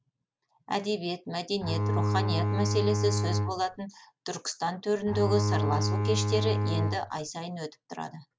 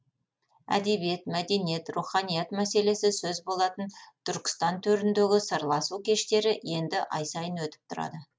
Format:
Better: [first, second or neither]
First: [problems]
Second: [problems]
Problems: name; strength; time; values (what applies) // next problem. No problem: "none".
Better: second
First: background sound (Bowed string instrument); 4 dB above the speech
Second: none